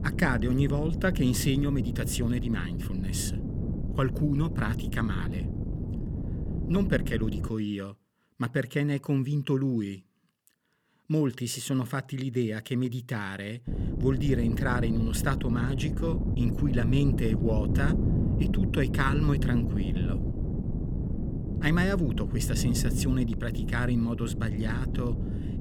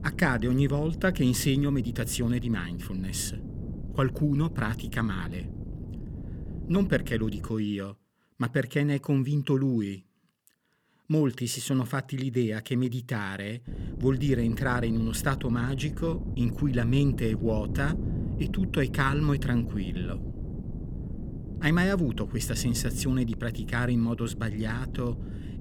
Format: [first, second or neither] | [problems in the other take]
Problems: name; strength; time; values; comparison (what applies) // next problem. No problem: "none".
second | wind noise on the microphone; heavy; until 7.5 s and from 14 s on; 7 dB below the speech; occasional gusts in the second